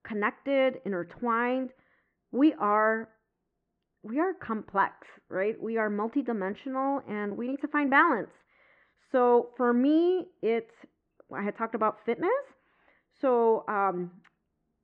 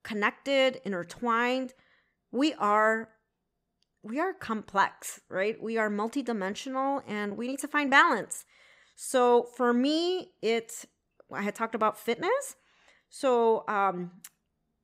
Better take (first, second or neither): second